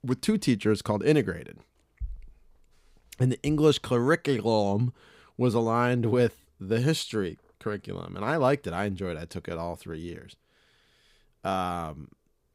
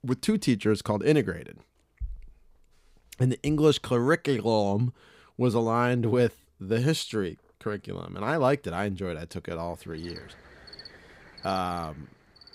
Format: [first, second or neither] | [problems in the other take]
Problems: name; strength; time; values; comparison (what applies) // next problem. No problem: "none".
first | animal sounds; noticeable; from 10 s on; 20 dB below the speech